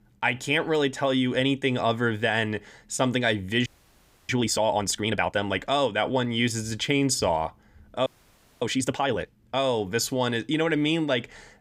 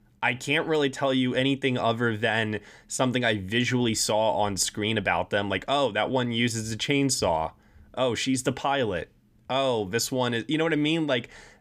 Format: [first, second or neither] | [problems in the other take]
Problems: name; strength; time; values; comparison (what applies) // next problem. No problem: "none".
second | audio freezing; at 3.5 s for 0.5 s and at 8 s for 0.5 s